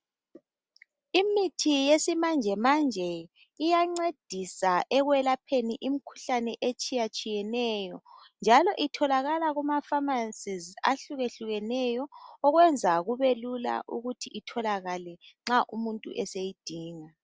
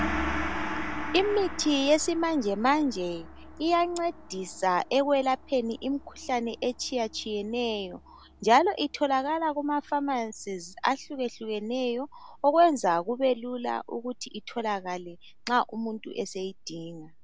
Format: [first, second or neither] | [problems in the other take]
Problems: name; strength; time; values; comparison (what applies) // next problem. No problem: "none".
first | background sound (Gong); 11 dB below the speech